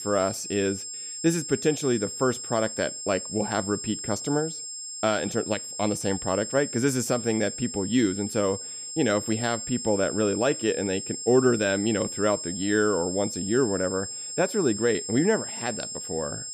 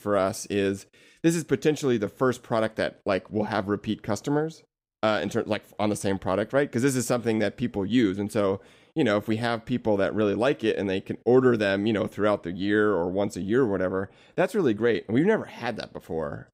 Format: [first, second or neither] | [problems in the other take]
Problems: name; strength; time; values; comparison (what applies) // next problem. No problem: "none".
second | high-pitched whine; loud; throughout; 7.5 kHz, 6 dB below the speech